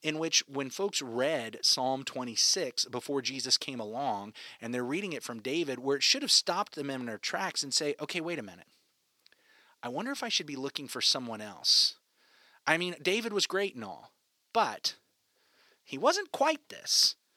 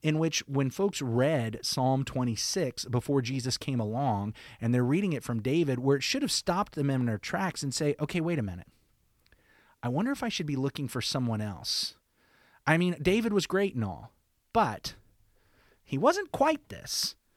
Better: second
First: thin; somewhat; fading below 350 Hz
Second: none

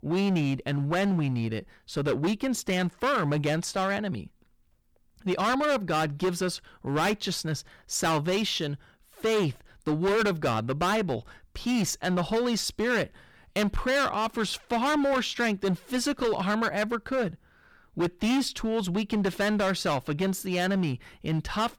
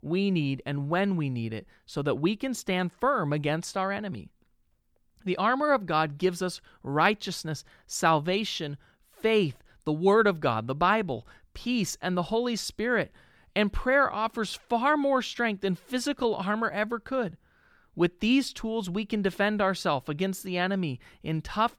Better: second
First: distortion; heavy; 14% of the sound clipped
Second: none

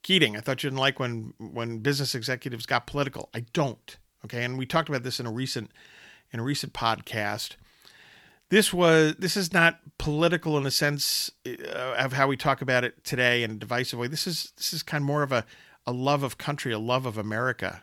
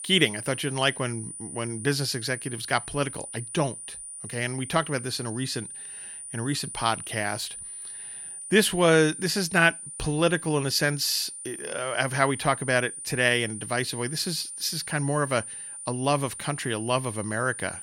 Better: first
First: none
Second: high-pitched whine; loud; throughout; 9.5 kHz, 10 dB below the speech

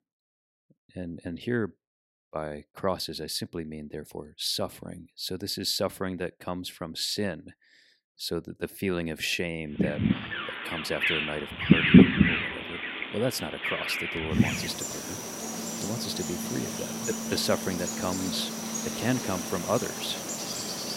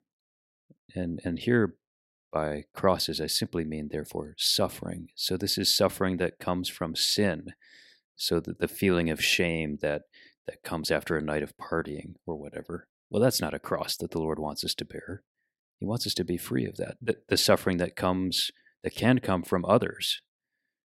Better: second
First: animal sounds; very loud; from 10 s on; 5 dB above the speech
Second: none

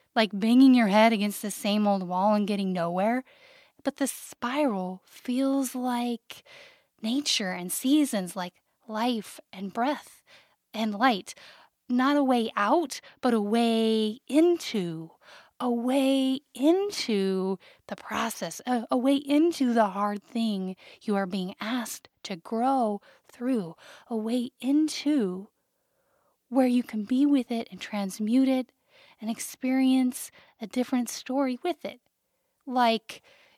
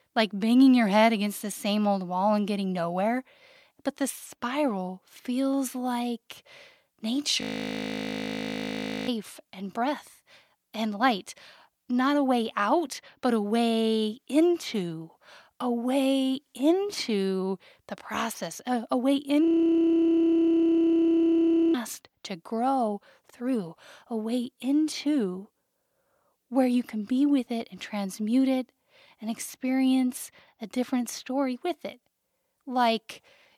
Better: first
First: none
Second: audio freezing; at 7.5 s for 1.5 s and at 19 s for 2.5 s

